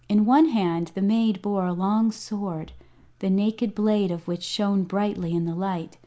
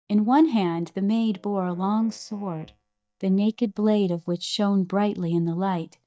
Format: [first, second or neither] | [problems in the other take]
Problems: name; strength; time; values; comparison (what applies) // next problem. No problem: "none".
first | noise reduction (neural mask model DeepFilterNet 3)